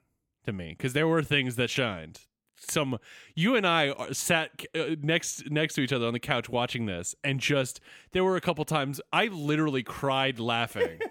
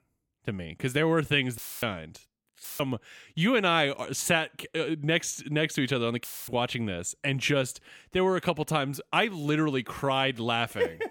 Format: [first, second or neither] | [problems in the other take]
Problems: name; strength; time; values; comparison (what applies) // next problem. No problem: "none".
first | audio cutting out; filled with static; at 1.5 s, at 2.5 s and at 6 s